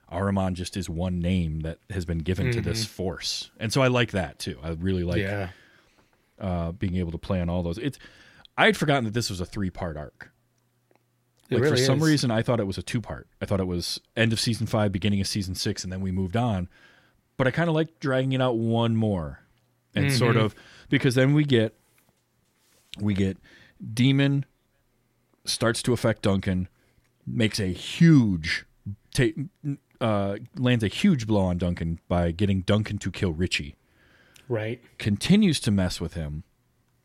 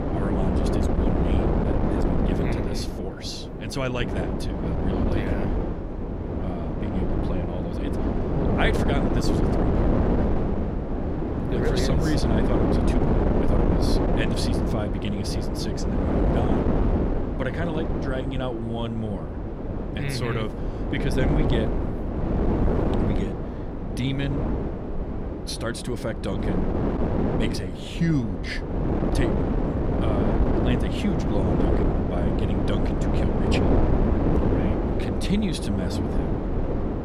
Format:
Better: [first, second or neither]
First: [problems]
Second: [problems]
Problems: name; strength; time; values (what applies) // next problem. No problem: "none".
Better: first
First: none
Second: wind noise on the microphone; heavy; 3 dB above the speech